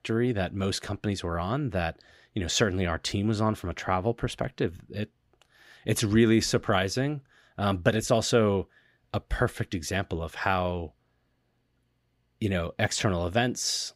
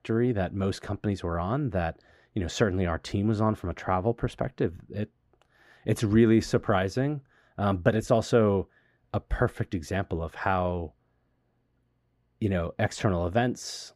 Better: first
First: none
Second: muffled; slightly; fading above 2 kHz

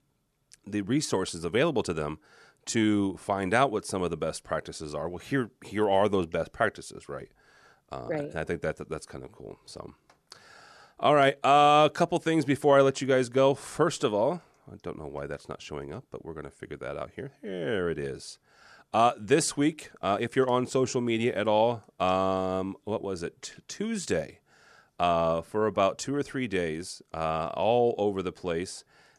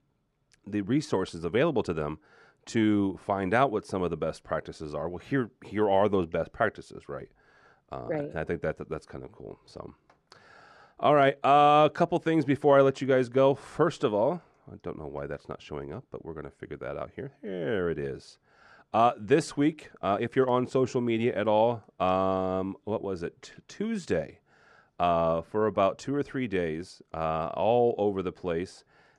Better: first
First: none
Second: muffled; slightly; fading above 2 kHz

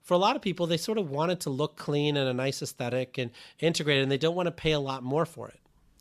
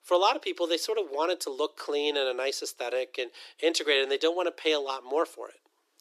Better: first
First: none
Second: thin; very; fading below 300 Hz

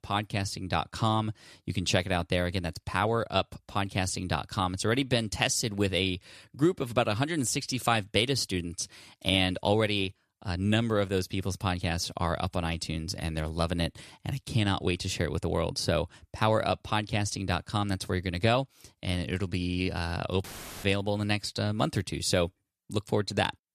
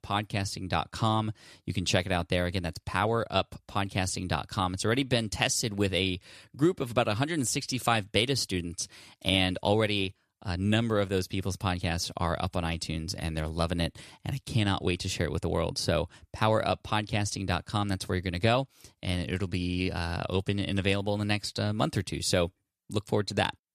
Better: second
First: audio cutting out; filled with static; at 20 s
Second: none

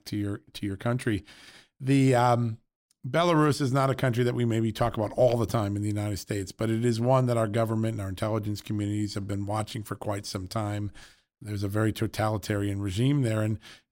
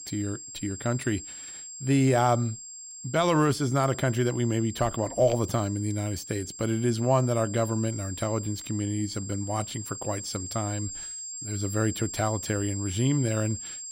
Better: first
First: none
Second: high-pitched whine; loud; throughout; 7.5 kHz, 9 dB below the speech

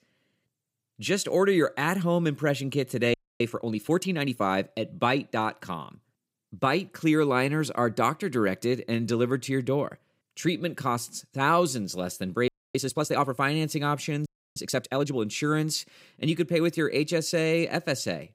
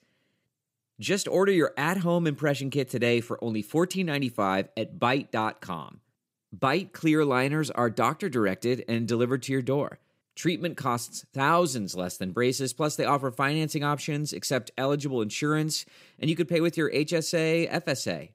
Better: second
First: audio freezing; at 3 s, at 12 s and at 14 s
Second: none

